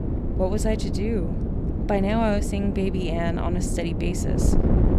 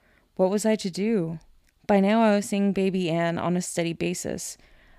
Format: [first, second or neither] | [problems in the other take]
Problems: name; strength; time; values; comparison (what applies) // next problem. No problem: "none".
second | wind noise on the microphone; heavy; 5 dB below the speech